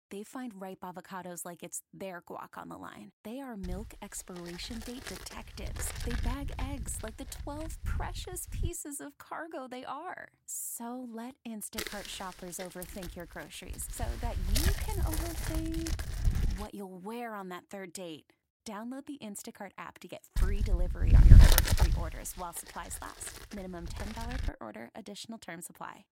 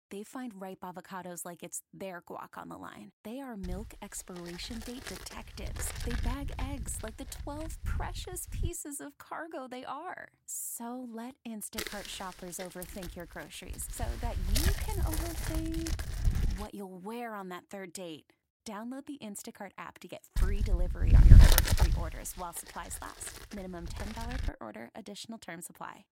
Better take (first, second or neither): neither